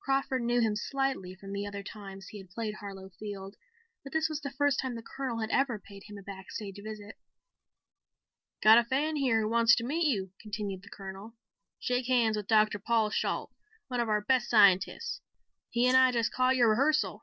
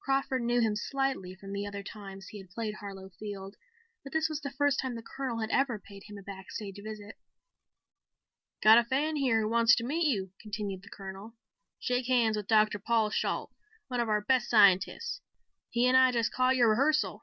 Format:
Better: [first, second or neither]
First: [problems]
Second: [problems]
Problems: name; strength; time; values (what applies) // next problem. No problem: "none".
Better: second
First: noise reduction (neural separator model SepFormer DNS4)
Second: none